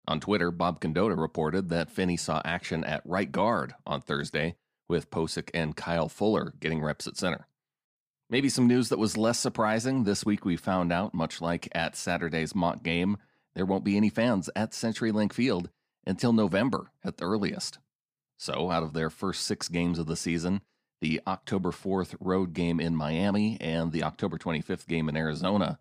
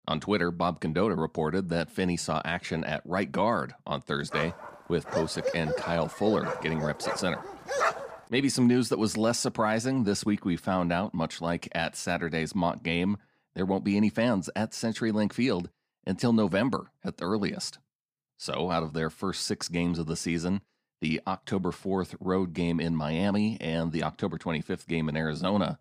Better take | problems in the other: first | dog barking; loud; from 4.5 to 8 s; peak 1 dB above the speech

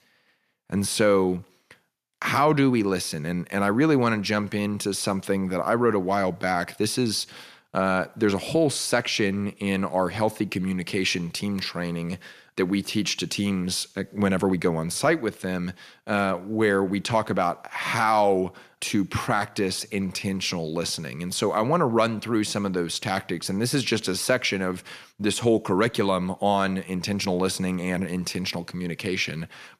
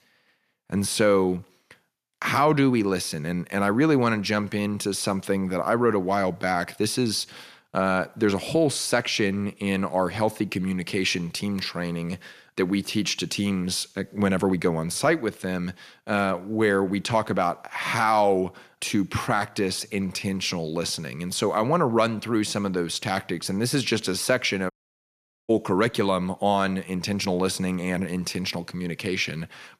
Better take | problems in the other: first | audio cutting out; at 25 s for 1 s

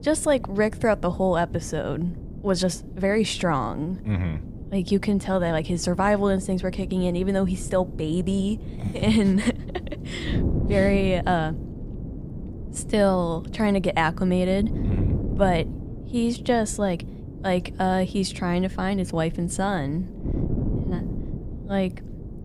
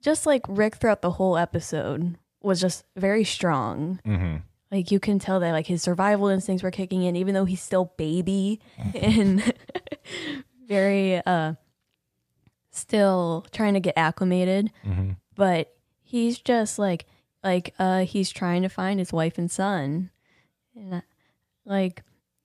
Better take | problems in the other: second | wind noise on the microphone; occasional gusts; 15 dB below the speech

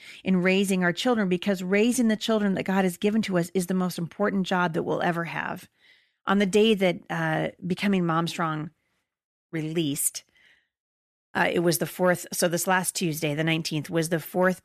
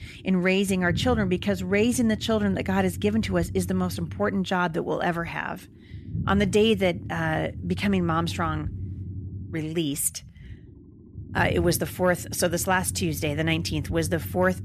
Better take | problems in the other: first | low rumble; faint; throughout; 20 dB below the speech

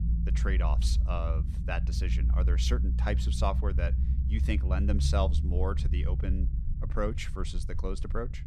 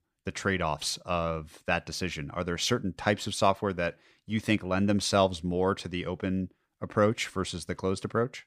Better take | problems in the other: second | low rumble; loud; throughout; 10 dB below the speech

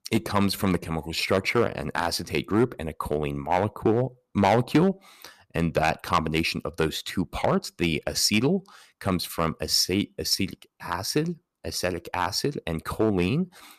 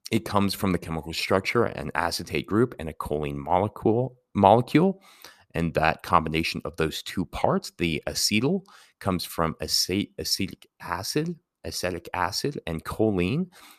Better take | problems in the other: second | distortion; slight; 1.5% of the sound clipped

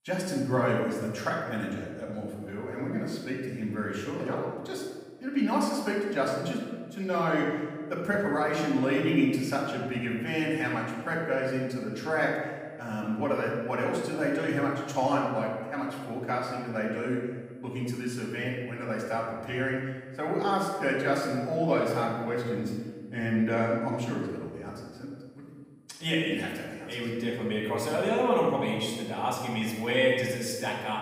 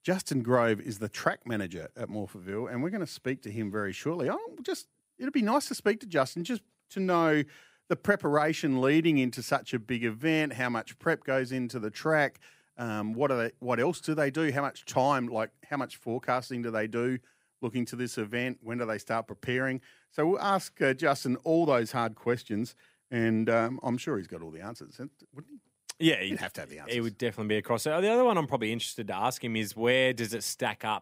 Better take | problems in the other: second | off-mic speech; far // room echo; noticeable; dies away in 1.2 s

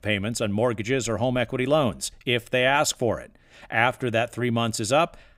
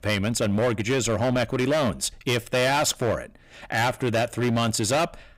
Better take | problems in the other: first | distortion; heavy; 17% of the sound clipped

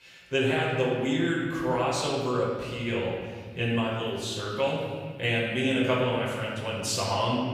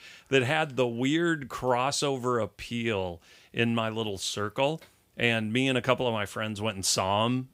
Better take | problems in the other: second | off-mic speech; far // room echo; noticeable; dies away in 2 s

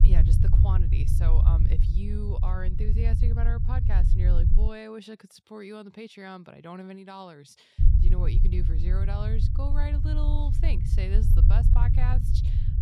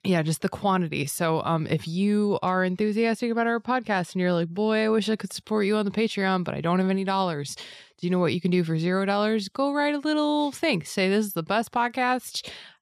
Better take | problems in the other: second | low rumble; loud; until 4.5 s and from 8 s on; 1 dB below the speech

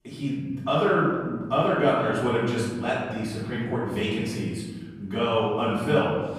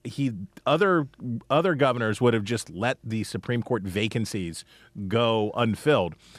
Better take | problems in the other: second | off-mic speech; far // room echo; noticeable; dies away in 1.3 s

